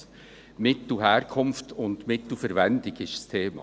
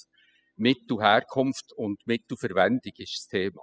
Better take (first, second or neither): first